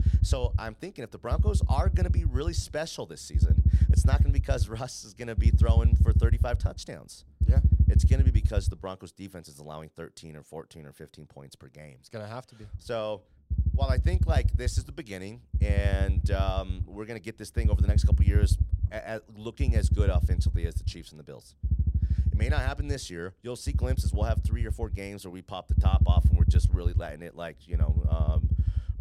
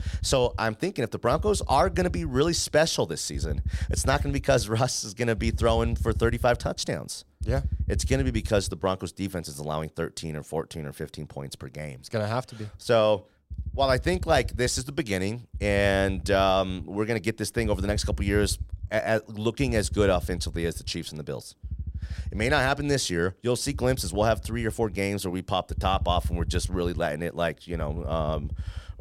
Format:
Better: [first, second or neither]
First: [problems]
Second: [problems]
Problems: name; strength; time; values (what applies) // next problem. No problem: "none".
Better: second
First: low rumble; loud; until 9 s and from 13 s on; 5 dB below the speech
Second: low rumble; faint; until 9 s and from 13 s on; 25 dB below the speech